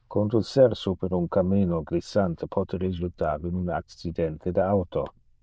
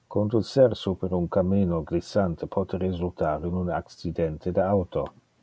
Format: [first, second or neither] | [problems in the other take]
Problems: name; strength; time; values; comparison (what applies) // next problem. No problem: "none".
second | noise reduction (neural diffusion model UNIVERSE++)